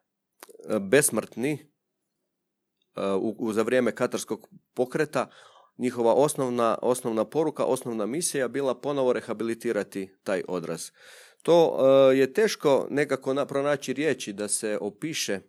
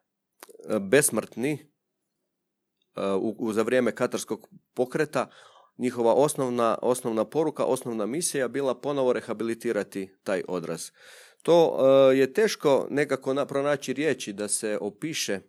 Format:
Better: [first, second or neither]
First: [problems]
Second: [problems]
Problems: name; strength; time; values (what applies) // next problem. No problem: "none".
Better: neither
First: none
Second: none